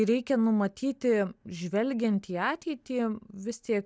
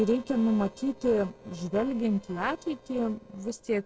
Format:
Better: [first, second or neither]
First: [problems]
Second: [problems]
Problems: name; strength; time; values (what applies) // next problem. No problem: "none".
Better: first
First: none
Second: noise reduction (neural separator model SepFormer DNS4)